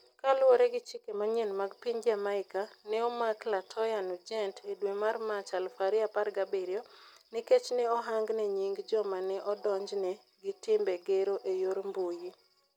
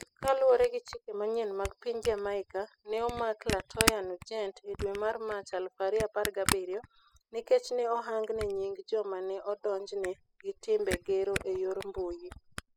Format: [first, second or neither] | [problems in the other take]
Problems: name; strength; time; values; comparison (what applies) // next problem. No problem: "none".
first | noise reduction (classical method spectral subtraction)